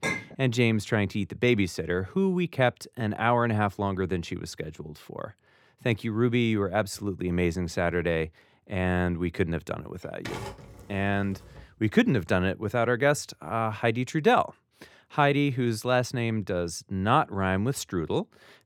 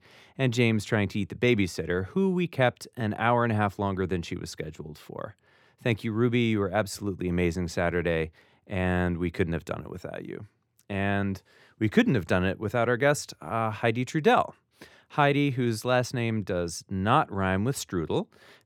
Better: second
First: clattering dishes; noticeable; at the start; peak 4 dB below the speech // keyboard typing; faint; from 10 to 12 s; peak 10 dB below the speech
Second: none

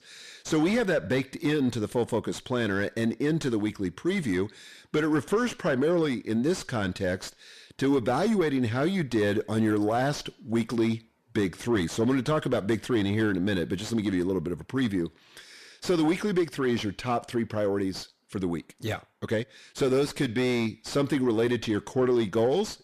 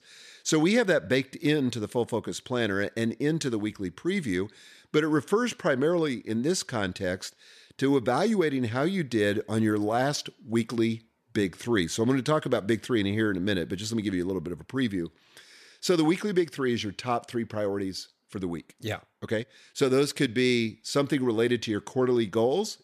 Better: second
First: distortion; slight; 10 dB below the speech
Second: none

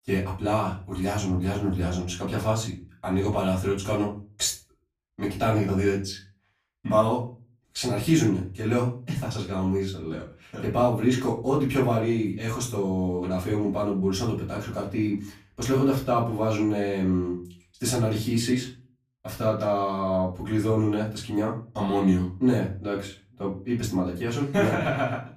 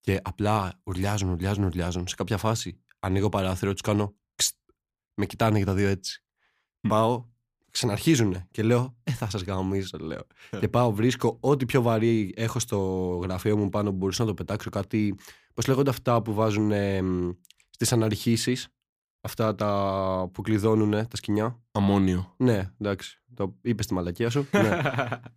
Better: second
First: off-mic speech; far // room echo; slight; dies away in 0.3 s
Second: none

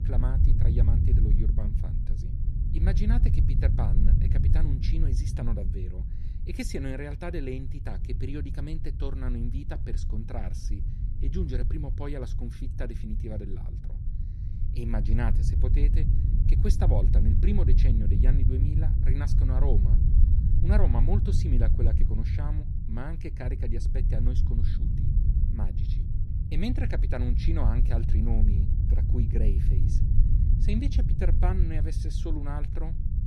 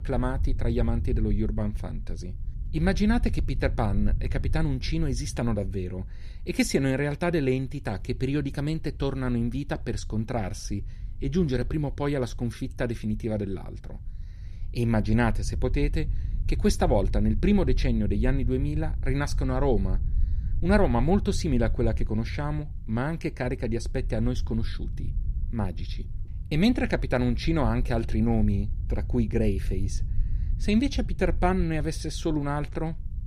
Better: second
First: low rumble; loud; throughout; 3 dB below the speech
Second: low rumble; faint; throughout; 20 dB below the speech

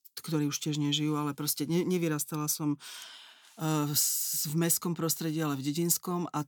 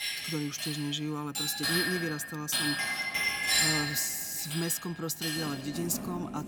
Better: first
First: none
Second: household noises; very loud; throughout; 3 dB above the speech

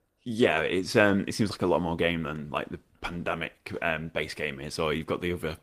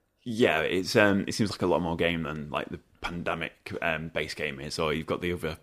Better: second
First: garbled, watery; slightly; nothing above 15 kHz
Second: none

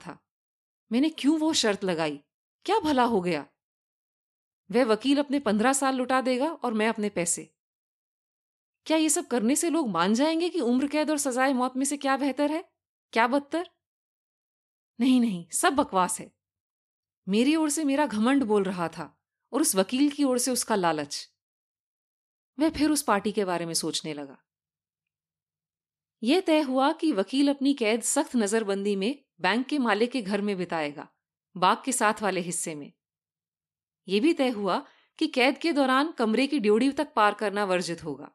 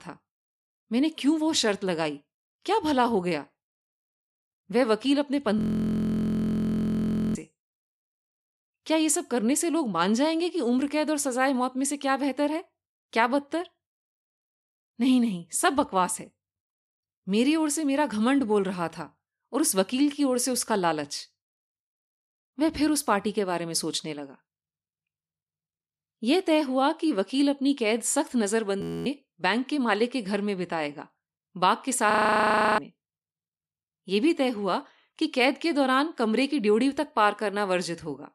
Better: first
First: none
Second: audio freezing; at 5.5 s for 2 s, at 29 s and at 32 s for 0.5 s

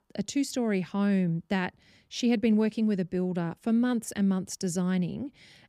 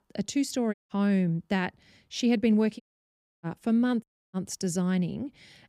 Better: first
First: none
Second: audio cutting out; at 0.5 s, at 3 s for 0.5 s and at 4 s

